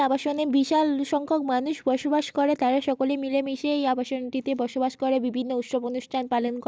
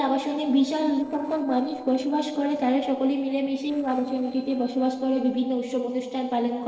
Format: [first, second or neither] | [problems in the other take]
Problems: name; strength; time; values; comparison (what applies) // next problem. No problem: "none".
first | noise reduction (neural separator model SepFormer DNS4)